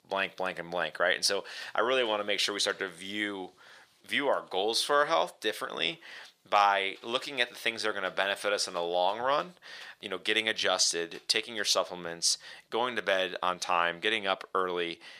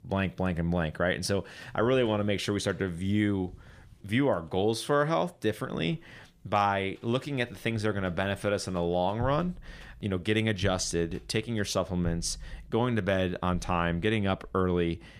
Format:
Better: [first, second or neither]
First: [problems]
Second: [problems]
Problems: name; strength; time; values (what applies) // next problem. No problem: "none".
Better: second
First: thin; very; fading below 600 Hz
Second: none